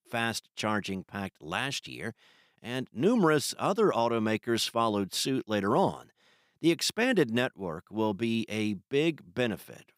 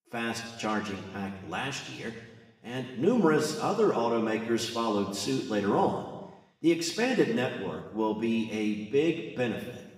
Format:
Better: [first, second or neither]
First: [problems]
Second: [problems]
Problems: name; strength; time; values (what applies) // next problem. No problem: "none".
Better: first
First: none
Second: room echo; noticeable; dies away in 1.1 s // off-mic speech; far